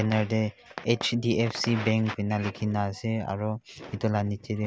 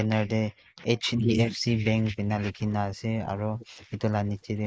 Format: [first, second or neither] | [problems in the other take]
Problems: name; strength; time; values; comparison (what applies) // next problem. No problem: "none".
first | noise reduction (neural mask model Resemble Enhance denoiser)